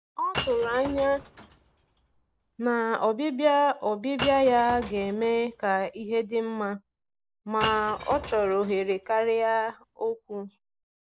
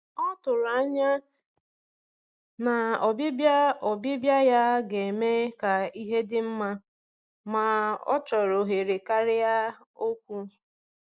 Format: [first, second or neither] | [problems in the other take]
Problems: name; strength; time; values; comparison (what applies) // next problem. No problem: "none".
second | background sound (Shatter / Crushing); 14 dB below the speech